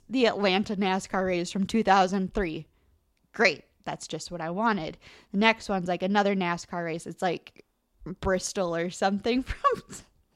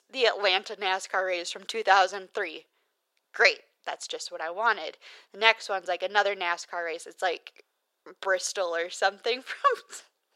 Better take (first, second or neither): first